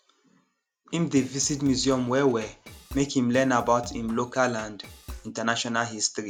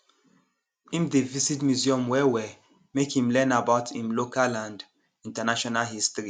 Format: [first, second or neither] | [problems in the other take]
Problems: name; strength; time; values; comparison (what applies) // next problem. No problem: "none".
second | background sound (Drum kit); 18 dB below the speech